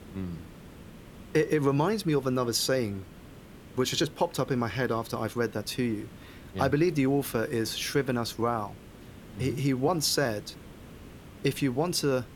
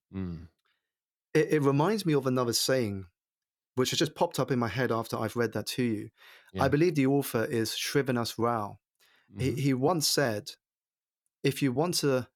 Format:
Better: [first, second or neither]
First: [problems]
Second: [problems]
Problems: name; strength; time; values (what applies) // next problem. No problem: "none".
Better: second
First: hiss; noticeable; throughout; 20 dB below the speech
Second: none